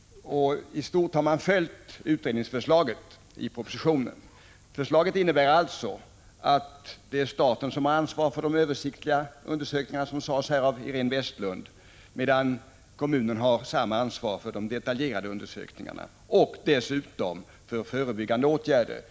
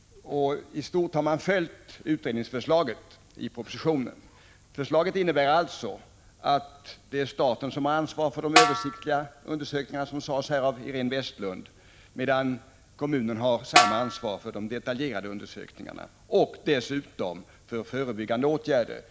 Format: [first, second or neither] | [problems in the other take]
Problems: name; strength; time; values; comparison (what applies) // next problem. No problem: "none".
first | background sound (Snare drum); 4 dB above the speech